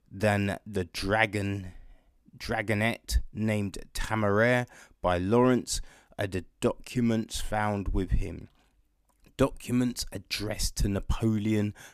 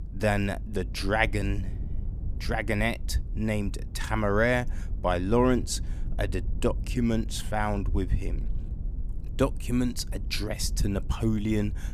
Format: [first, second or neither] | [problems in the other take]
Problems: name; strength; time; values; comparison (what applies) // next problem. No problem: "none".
first | low rumble; faint; throughout; 20 dB below the speech